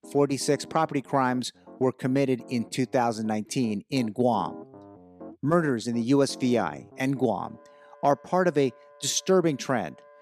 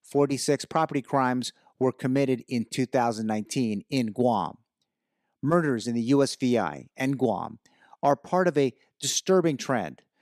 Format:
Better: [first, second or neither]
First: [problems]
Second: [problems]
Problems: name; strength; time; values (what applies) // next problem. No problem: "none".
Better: second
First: background music; faint; throughout; 20 dB below the speech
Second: none